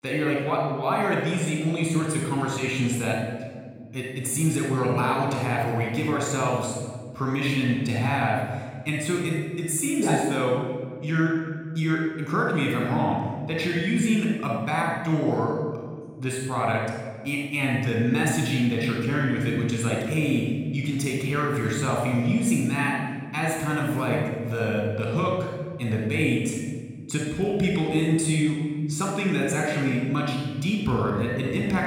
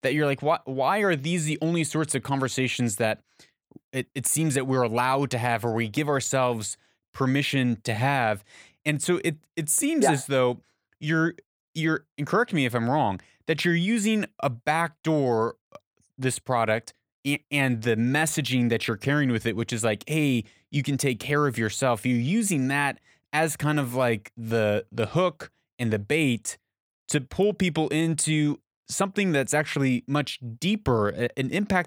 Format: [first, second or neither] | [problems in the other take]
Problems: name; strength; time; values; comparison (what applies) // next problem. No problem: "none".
second | off-mic speech; somewhat distant // room echo; strong; dies away in 1.5 s